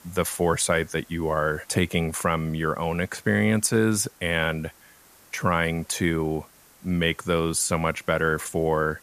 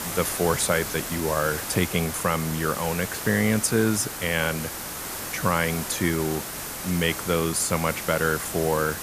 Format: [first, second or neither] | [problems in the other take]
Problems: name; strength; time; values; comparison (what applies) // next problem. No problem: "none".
first | hiss; loud; throughout; 6 dB below the speech; faint in the first